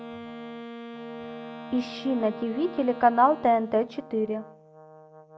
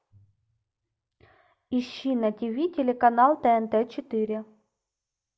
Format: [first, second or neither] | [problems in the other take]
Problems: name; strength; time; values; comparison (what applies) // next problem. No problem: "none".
second | background sound (Brass instrument + Wind instrument, woodwind instrument); 13 dB below the speech